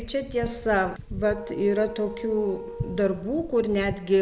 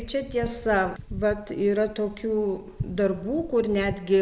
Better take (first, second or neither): second